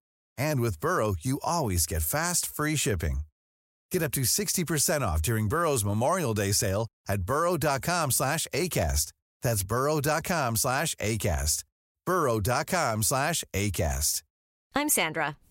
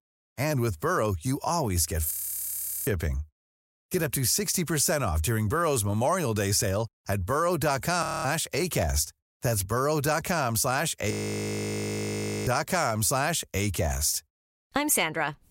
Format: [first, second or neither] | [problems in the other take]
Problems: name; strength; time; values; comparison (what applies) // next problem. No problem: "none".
first | audio freezing; at 2 s for 1 s, at 8 s and at 11 s for 1.5 s